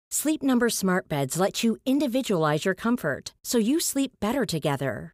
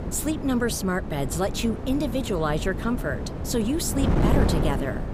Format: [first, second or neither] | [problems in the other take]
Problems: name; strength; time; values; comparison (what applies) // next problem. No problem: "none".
first | wind noise on the microphone; heavy; 6 dB below the speech